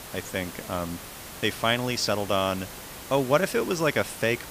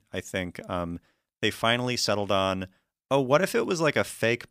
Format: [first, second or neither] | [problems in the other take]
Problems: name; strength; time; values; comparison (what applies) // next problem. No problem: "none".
second | hiss; noticeable; throughout; 10 dB below the speech